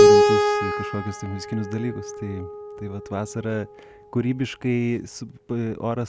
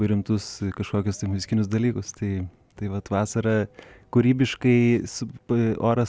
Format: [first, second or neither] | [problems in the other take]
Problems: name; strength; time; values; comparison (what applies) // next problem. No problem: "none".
second | background sound (Keyboard (musical)); 4 dB above the speech